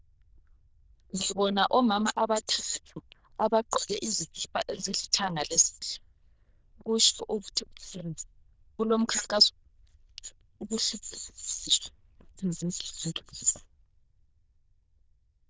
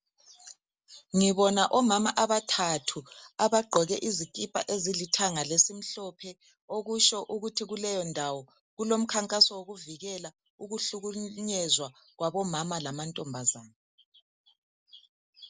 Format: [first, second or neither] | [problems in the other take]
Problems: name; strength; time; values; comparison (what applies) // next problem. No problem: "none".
second | noise reduction (neural diffusion model UNIVERSE++)